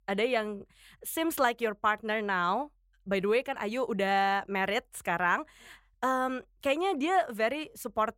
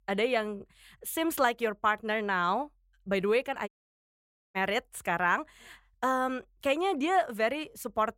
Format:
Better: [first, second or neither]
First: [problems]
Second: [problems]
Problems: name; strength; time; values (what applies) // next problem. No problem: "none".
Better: first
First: none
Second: audio cutting out; at 3.5 s for 1 s